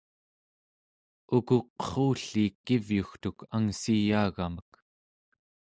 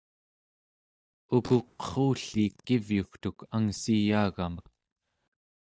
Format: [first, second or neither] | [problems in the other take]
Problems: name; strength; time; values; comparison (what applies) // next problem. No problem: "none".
first | noise reduction (neural mask model DeepFilterNet 3)